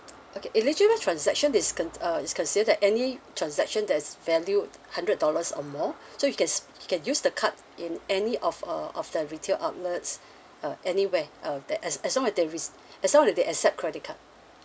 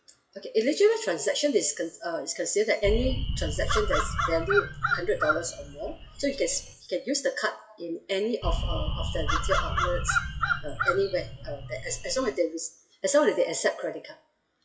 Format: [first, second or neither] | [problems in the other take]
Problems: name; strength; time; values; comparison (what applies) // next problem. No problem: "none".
first | noise reduction (classical method WPE with log-MMSE)